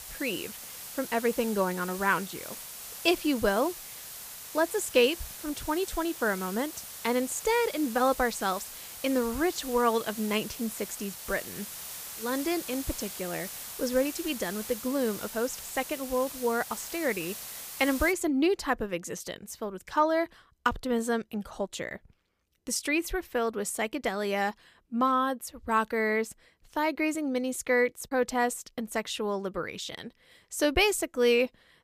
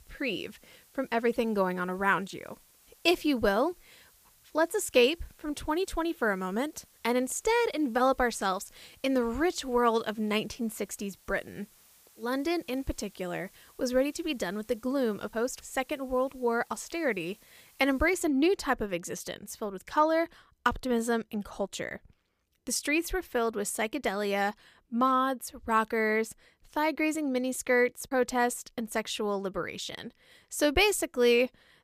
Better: second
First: hiss; loud; until 18 s; 10 dB below the speech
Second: hiss; faint; until 18 s; 30 dB below the speech

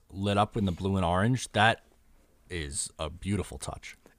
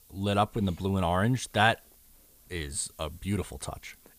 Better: first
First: none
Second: hiss; faint; throughout; 25 dB below the speech

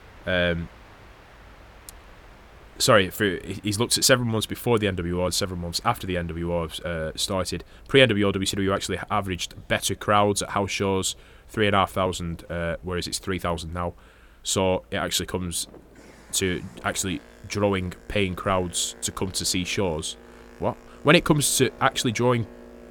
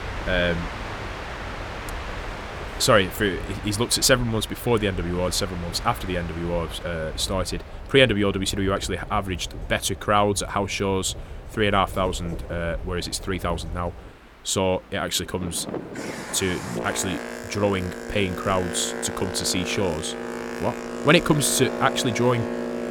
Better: first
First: train or aircraft noise; faint; throughout; 25 dB below the speech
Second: train or aircraft noise; loud; throughout; 10 dB below the speech

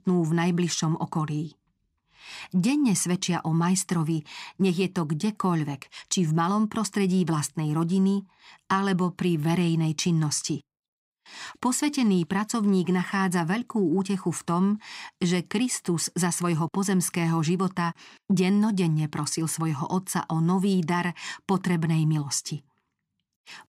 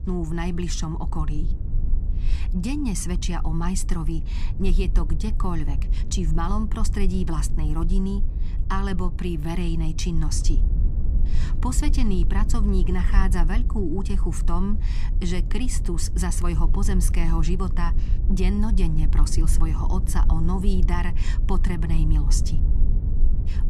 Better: first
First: none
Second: low rumble; noticeable; throughout; 10 dB below the speech

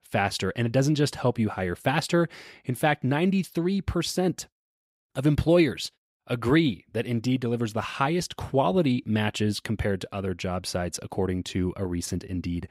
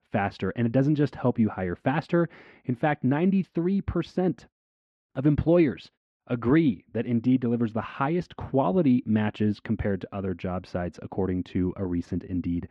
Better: first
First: none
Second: muffled; very; fading above 2 kHz

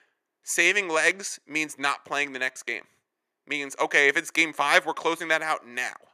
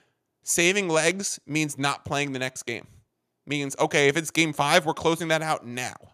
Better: second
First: thin; somewhat; fading below 350 Hz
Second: none

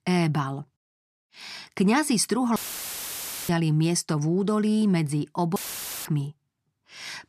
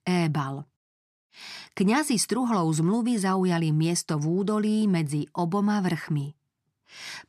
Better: second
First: audio cutting out; filled with static; at 2.5 s for 1 s and at 5.5 s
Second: none

